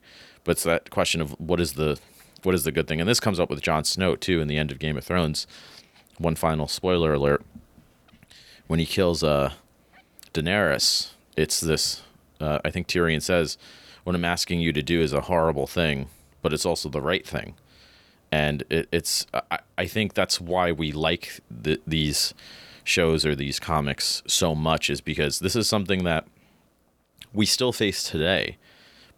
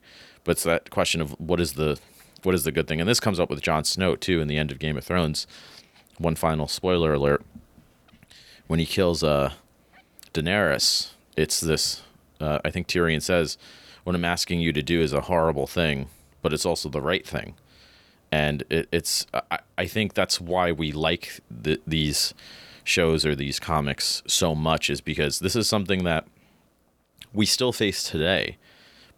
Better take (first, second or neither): neither